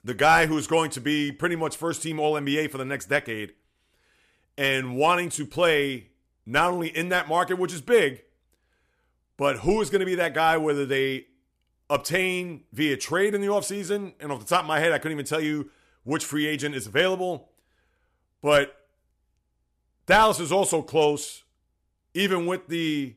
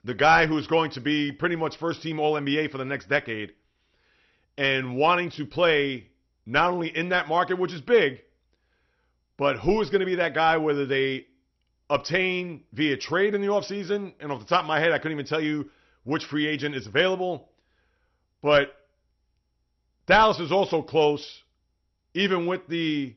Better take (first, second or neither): first